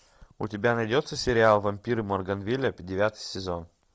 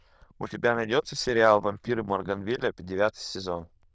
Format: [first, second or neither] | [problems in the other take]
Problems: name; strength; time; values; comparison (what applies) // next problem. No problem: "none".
first | noise reduction (neural diffusion model UNIVERSE++)